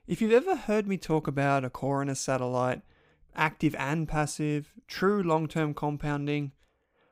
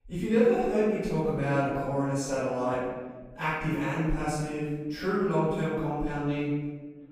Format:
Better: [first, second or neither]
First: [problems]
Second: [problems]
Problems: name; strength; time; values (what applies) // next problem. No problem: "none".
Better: first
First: none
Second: off-mic speech; far // room echo; strong; dies away in 1.4 s